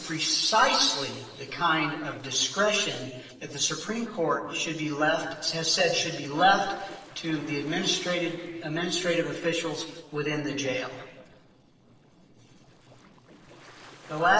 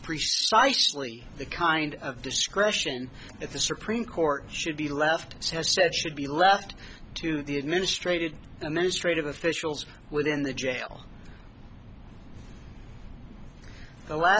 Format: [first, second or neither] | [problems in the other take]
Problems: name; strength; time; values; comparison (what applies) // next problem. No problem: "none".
second | noise reduction (neural separator model SepFormer DNS4)